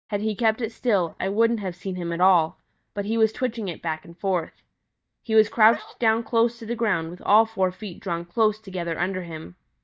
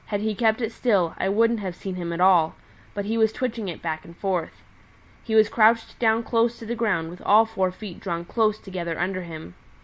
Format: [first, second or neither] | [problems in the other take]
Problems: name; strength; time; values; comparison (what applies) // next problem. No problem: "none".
second | noise reduction (neural mask model DeepFilterNet 3)